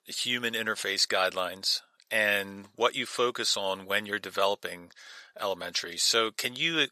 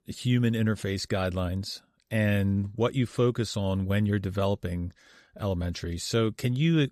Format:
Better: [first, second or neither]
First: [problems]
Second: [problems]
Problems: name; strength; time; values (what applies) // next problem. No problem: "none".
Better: second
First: thin; very; fading below 750 Hz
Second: none